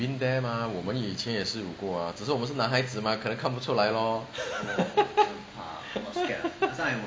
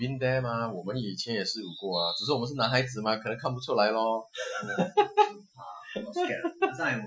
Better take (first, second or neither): first